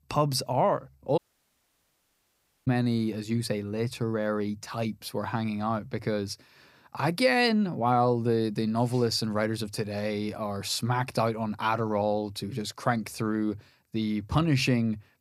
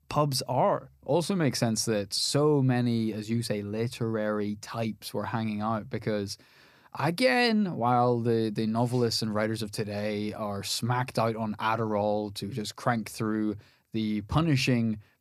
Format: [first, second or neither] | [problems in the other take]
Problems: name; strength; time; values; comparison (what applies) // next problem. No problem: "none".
second | audio cutting out; at 1 s for 1.5 s